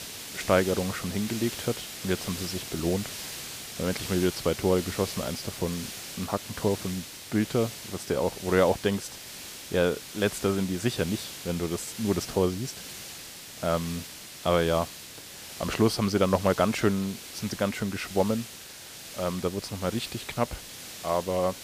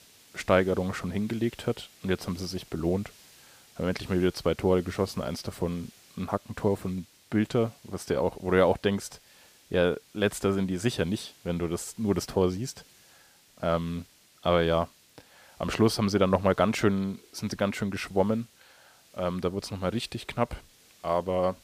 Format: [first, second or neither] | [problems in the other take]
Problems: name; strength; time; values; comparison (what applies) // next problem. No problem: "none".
second | hiss; loud; throughout; 9 dB below the speech; faint in the second